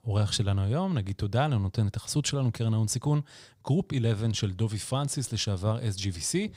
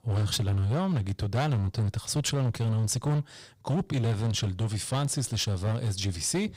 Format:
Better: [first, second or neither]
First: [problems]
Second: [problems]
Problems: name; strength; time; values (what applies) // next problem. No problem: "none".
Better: first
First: none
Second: distortion; slight; 16% of the sound clipped